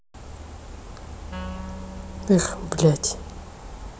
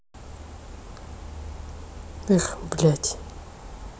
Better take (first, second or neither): second